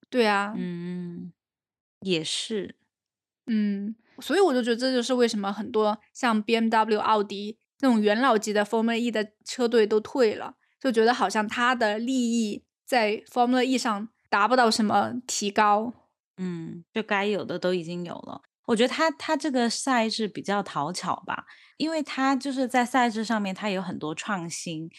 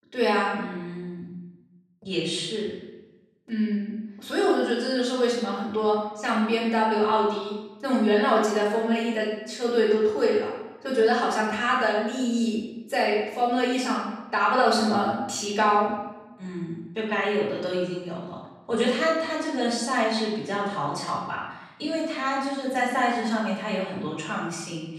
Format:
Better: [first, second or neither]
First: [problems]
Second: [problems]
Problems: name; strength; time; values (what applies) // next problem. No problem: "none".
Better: first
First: none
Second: off-mic speech; far // room echo; noticeable; dies away in 0.9 s